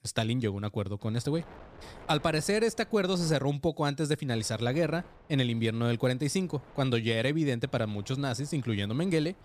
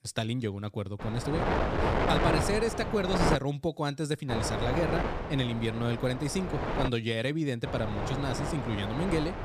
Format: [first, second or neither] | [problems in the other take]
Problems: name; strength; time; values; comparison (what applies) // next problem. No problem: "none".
first | wind noise on the microphone; heavy; from 1 to 3.5 s, from 4.5 to 7 s and from 7.5 s on; 1 dB above the speech; occasional gusts in the first